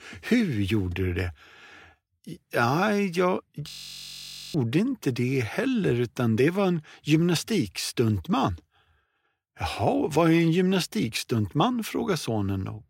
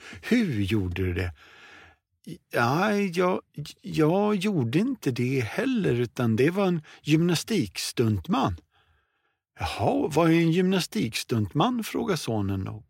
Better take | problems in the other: second | audio freezing; at 3.5 s for 1 s

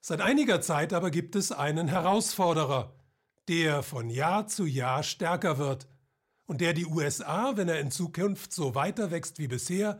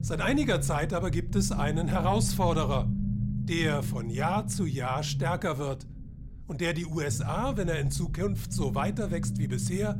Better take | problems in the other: first | low rumble; noticeable; throughout; 10 dB below the speech

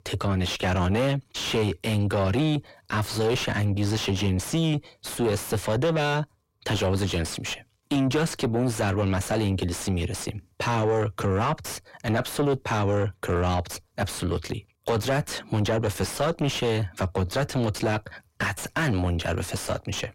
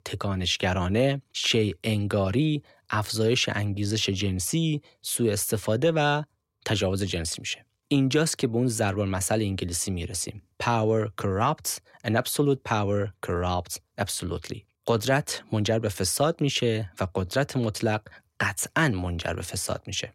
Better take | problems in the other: second | distortion; heavy; 6 dB below the speech

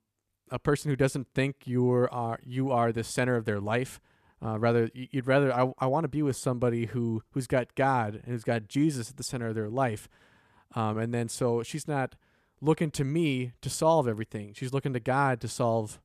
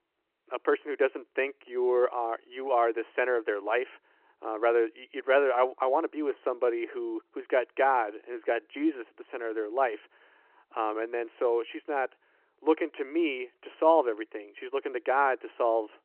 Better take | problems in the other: first | phone-call audio

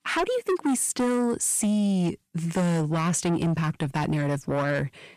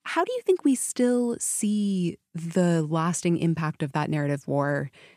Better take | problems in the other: second | distortion; heavy; 7 dB below the speech

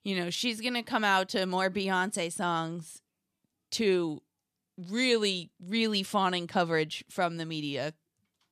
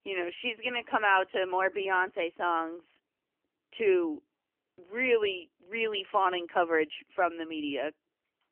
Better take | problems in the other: first | phone-call audio; poor line; nothing above 3 kHz

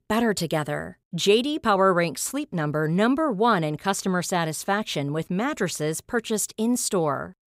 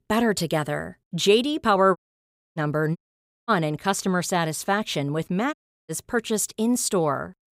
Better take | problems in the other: first | audio cutting out; at 2 s for 0.5 s, at 3 s for 0.5 s and at 5.5 s

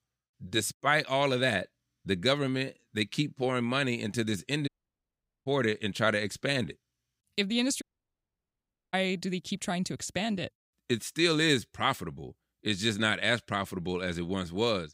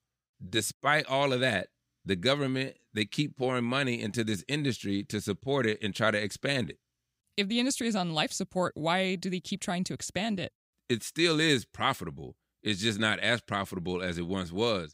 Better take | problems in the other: second | audio cutting out; at 4.5 s for 1 s and at 8 s for 1 s

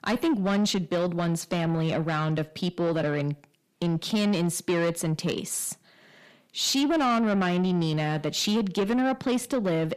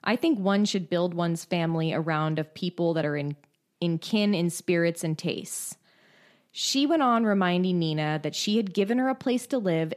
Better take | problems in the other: second | distortion; slight; 10 dB below the speech

